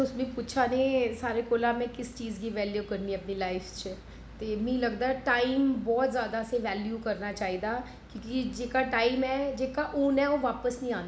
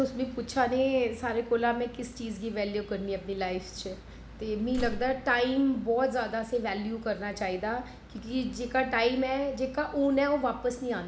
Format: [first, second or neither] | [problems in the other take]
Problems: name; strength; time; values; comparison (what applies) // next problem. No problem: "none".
first | background sound (Slam); 10 dB below the speech